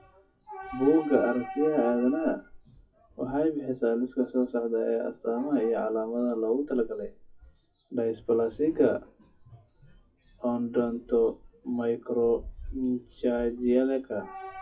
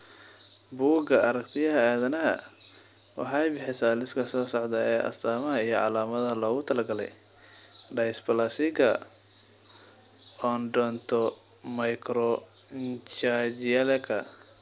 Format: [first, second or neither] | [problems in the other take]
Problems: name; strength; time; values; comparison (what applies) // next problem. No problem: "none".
second | noise reduction (classical method WPE with log-MMSE)